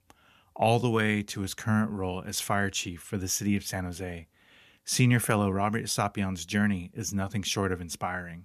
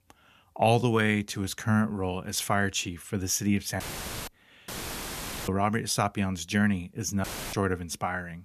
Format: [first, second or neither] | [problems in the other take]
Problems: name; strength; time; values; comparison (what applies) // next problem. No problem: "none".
first | audio cutting out; filled with static; at 4 s, at 4.5 s for 1 s and at 7 s